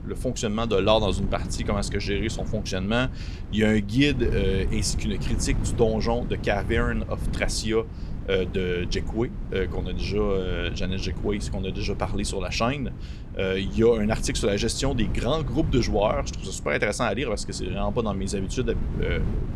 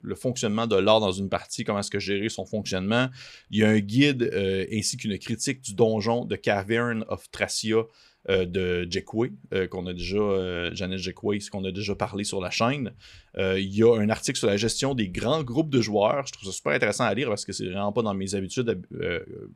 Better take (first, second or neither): second